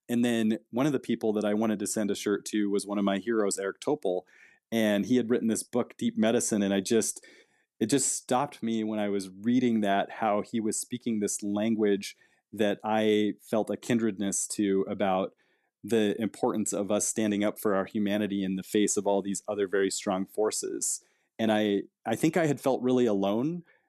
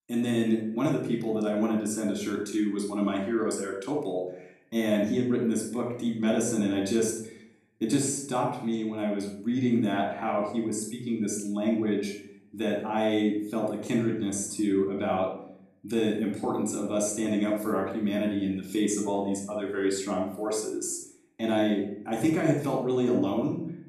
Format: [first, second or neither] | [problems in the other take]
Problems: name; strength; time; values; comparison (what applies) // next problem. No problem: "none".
first | off-mic speech; far // room echo; noticeable; dies away in 0.6 s